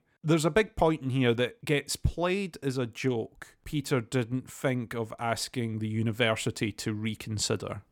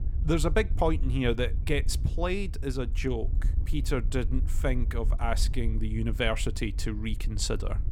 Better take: first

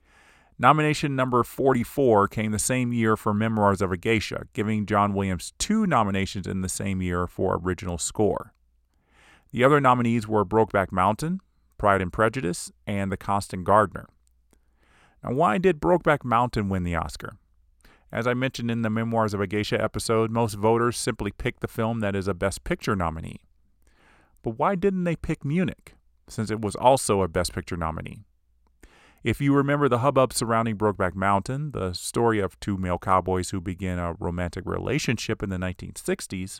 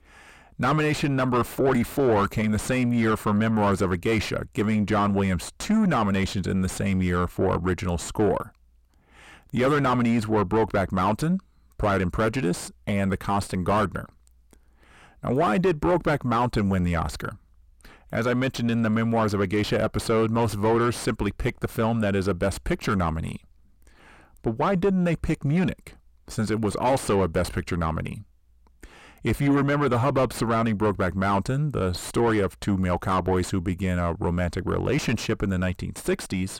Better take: first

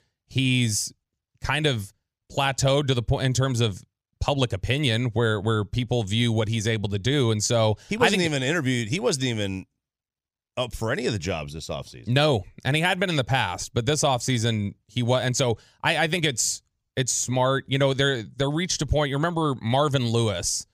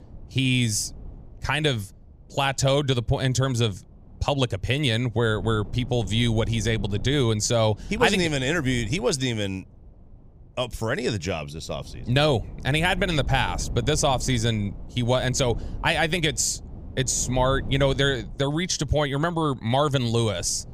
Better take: first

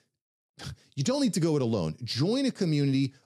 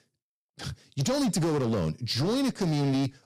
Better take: first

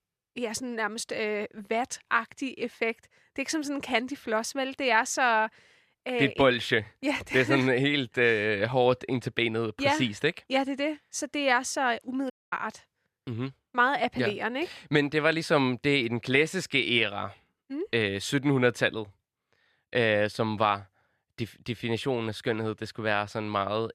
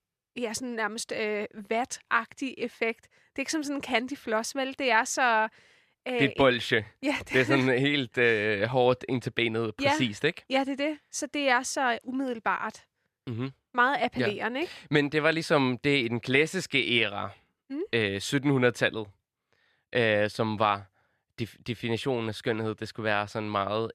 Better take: second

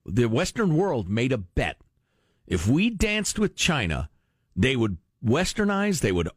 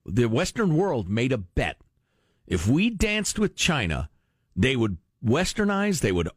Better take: neither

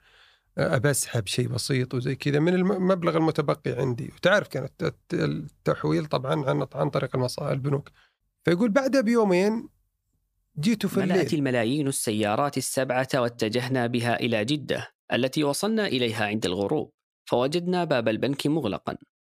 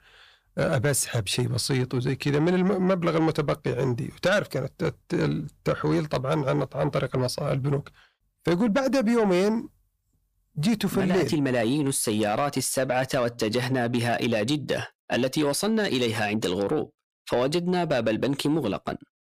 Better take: first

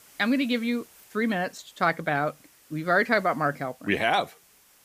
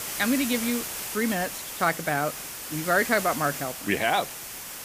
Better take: first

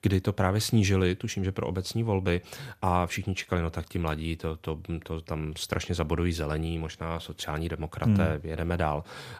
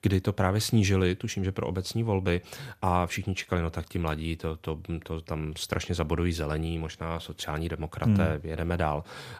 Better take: neither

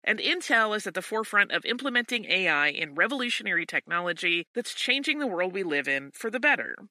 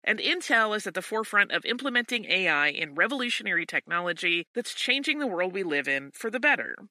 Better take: neither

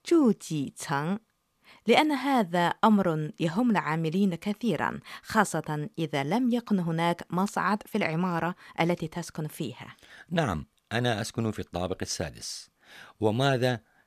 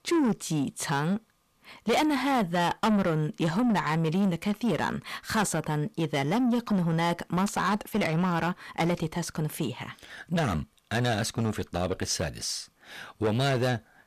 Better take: first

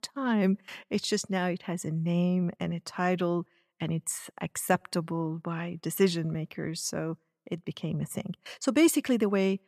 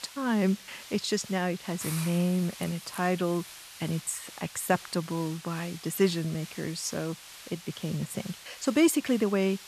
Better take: first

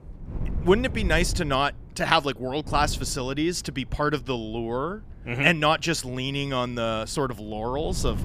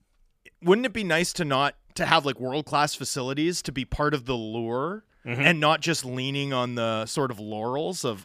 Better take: second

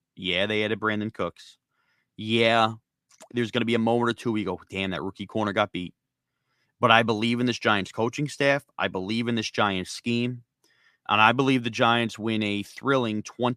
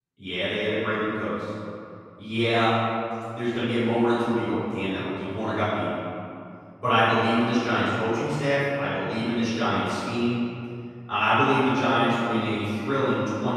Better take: first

